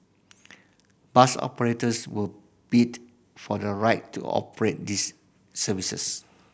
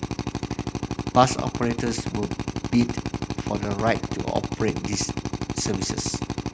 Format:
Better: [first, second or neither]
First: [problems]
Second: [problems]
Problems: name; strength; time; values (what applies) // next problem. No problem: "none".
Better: first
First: none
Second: background sound (Drill); 2 dB below the speech